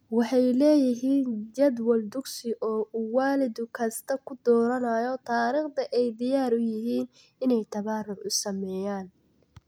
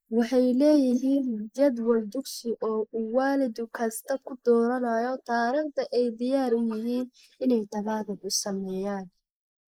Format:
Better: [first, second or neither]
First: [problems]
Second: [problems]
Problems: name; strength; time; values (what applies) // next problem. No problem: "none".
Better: first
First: none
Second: noise reduction (neural mask model Resemble Enhance denoiser)